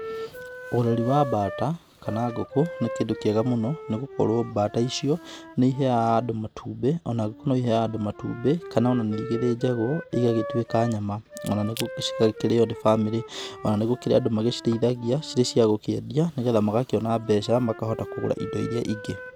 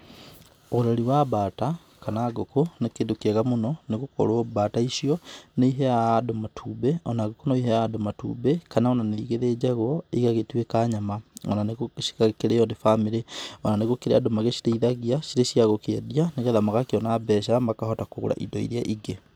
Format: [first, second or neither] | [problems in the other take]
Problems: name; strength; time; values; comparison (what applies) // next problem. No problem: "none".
second | background sound (Wind instrument, woodwind instrument + Crack / Crushing); 14 dB below the speech